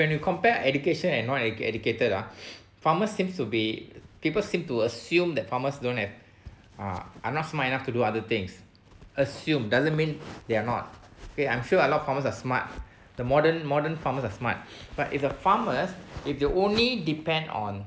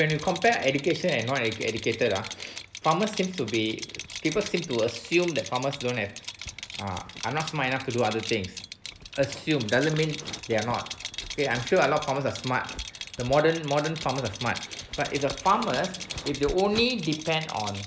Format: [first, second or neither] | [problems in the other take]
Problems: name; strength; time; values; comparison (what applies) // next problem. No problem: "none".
first | background sound (Rattle); 12 dB below the speech